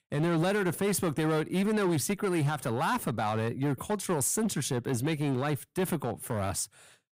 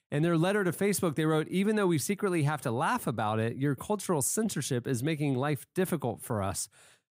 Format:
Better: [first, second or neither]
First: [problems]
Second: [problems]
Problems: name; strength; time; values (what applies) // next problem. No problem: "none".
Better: second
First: distortion; slight; 12% of the sound clipped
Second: none